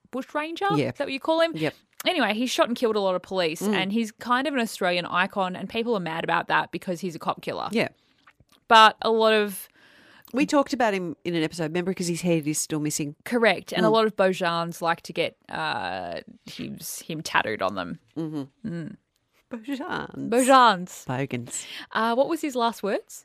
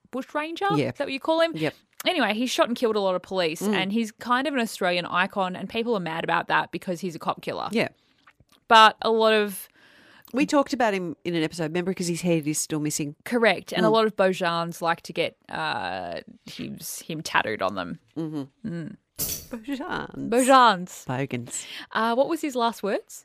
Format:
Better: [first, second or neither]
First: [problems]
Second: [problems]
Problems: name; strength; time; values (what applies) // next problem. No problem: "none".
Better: first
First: none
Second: jangling keys; noticeable; at 19 s; peak 4 dB below the speech